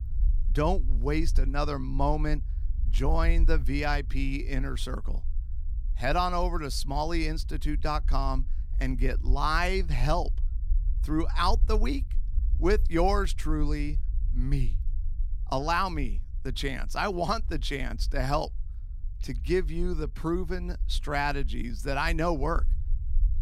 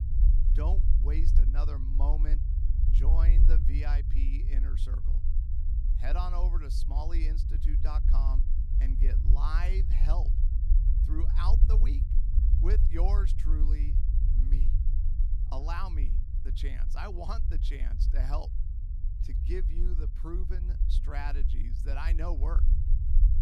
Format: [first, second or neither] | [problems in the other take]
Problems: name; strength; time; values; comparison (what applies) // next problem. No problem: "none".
first | low rumble; loud; throughout; 7 dB below the speech; faint in the first